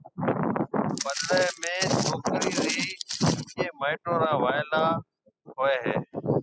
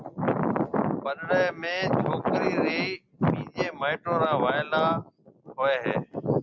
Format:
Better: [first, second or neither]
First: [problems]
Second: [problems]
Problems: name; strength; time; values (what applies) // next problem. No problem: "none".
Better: second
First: noise reduction (classical method spectral subtraction)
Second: none